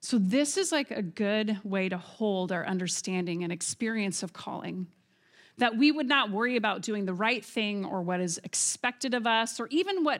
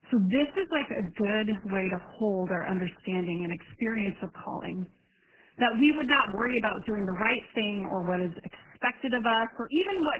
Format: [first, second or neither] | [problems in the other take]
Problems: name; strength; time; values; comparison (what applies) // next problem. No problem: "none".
first | garbled, watery; badly; nothing above 3 kHz